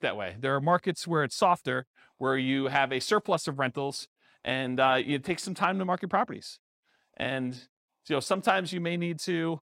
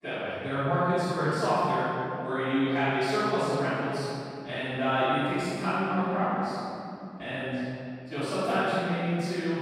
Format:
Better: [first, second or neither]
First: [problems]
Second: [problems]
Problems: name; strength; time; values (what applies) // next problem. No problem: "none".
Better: first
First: none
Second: off-mic speech; far // room echo; strong; dies away in 2.7 s